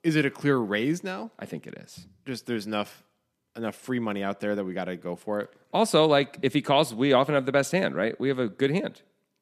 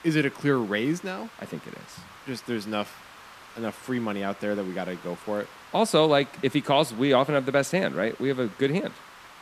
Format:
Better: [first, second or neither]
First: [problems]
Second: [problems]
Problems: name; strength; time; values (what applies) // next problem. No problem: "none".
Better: first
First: none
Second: hiss; faint; throughout; 20 dB below the speech